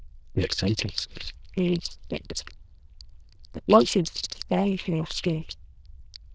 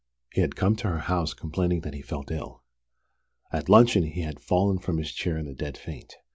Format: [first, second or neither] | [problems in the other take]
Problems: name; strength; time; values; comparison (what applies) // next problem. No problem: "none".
second | noise reduction (neural diffusion model UNIVERSE++)